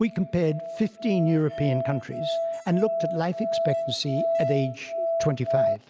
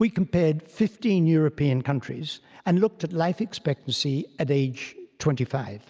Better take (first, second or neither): second